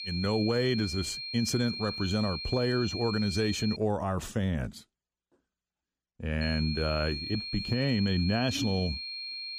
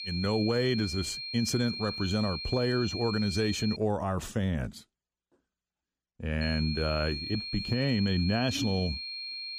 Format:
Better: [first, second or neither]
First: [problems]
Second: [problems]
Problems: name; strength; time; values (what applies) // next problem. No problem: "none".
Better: neither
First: high-pitched whine; loud; until 4 s and from 6.5 s on; 4 kHz, 5 dB below the speech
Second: high-pitched whine; loud; until 4 s and from 6.5 s on; 4 kHz, 5 dB below the speech